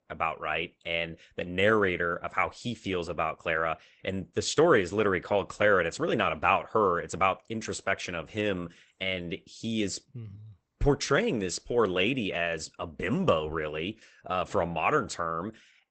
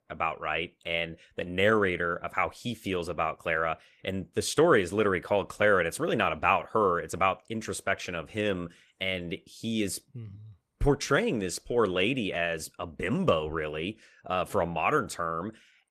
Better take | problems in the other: second | garbled, watery; badly; nothing above 8 kHz; slightly in the second

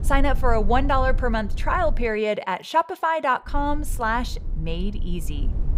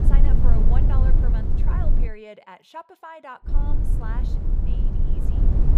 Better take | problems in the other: first | low rumble; loud; until 2 s and from 3.5 s on; as loud as the speech; faint in the first

